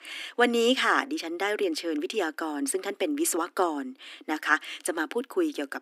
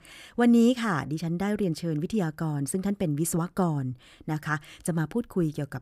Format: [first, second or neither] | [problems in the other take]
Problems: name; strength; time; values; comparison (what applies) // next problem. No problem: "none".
second | thin; somewhat; fading below 250 Hz